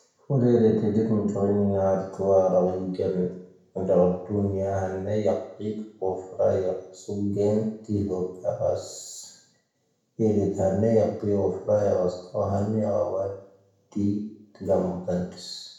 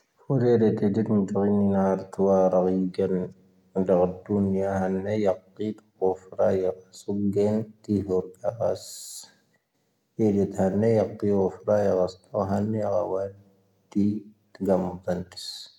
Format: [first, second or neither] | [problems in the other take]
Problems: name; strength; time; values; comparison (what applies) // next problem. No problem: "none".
second | room echo; dies away in 0.6 s